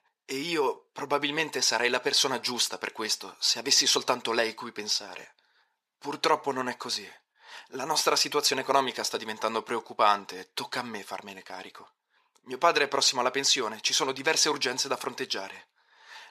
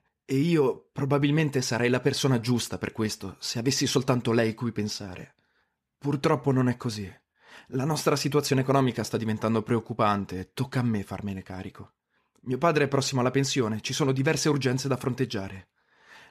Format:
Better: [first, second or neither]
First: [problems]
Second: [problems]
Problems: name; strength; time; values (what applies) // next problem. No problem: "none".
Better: second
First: thin; very; fading below 550 Hz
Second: none